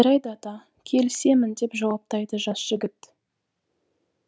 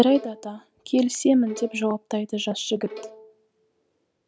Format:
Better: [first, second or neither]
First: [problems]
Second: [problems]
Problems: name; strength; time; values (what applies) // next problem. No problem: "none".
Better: first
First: none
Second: background sound (Bowed string instrument); 19 dB below the speech